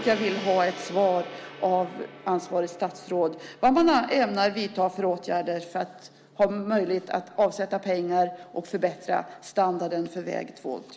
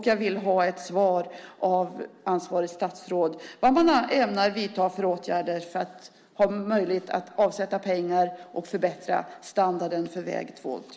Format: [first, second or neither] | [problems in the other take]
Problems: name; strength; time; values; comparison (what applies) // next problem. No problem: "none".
second | background sound (Gong); 19 dB below the speech